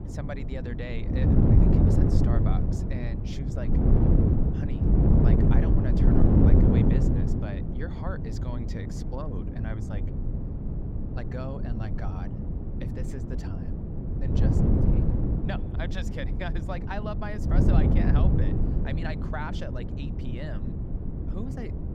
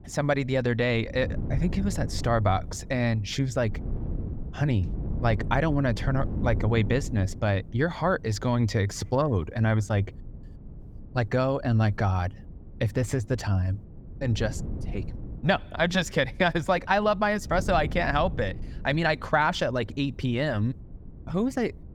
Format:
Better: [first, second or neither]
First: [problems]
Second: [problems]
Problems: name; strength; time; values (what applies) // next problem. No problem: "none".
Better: second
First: wind noise on the microphone; heavy; 4 dB above the speech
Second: wind noise on the microphone; occasional gusts; 20 dB below the speech